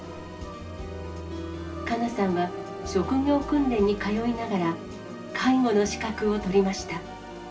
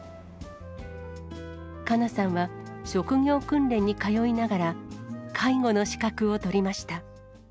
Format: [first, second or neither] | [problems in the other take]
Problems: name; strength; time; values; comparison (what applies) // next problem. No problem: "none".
second | background sound (Organ); 13 dB below the speech // room echo; dies away in 0.2 s